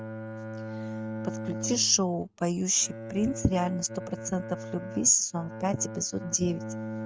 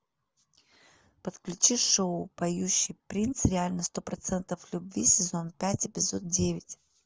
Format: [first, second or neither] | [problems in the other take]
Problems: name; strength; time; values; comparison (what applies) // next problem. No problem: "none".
second | noise reduction (neural mask model RNNoise)